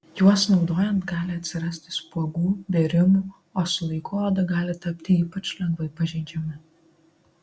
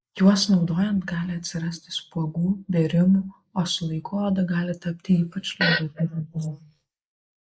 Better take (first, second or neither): first